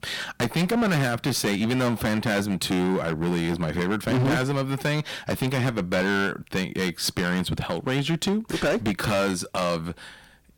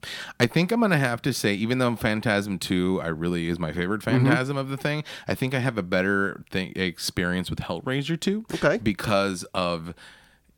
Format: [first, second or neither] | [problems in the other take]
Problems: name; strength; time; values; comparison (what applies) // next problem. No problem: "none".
second | distortion; heavy; 17% of the sound clipped